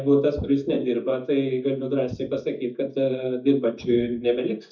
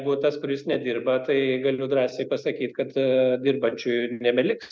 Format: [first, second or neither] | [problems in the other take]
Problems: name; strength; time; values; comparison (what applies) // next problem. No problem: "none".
second | noise reduction (neural mask model DeepFilterNet 3)